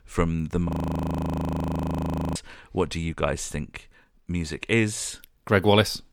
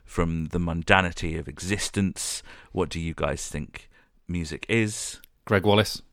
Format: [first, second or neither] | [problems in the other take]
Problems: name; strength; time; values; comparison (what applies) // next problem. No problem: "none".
second | audio freezing; at 0.5 s for 1.5 s